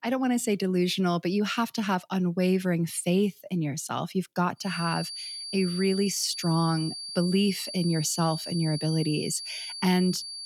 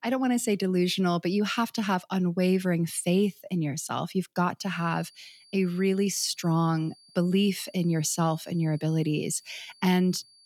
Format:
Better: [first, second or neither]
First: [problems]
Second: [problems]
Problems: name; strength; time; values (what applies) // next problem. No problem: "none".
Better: second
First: high-pitched whine; loud; from 4.5 s on; 4.5 kHz, 8 dB below the speech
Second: high-pitched whine; faint; from 4.5 s on; 4.5 kHz, 25 dB below the speech